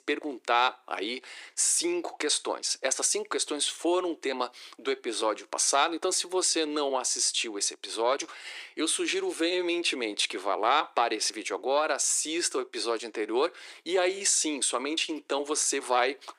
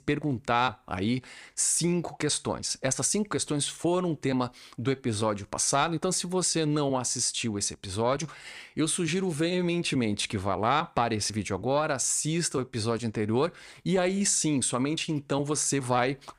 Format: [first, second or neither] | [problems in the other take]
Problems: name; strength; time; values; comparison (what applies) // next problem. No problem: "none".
second | thin; very; fading below 350 Hz